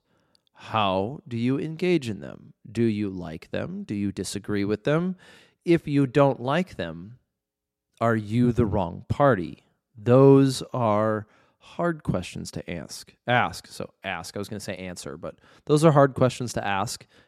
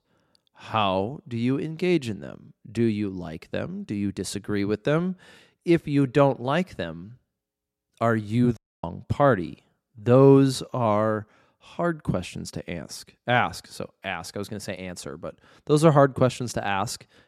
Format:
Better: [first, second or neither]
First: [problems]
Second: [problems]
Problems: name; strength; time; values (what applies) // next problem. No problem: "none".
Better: first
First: none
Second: audio cutting out; at 8.5 s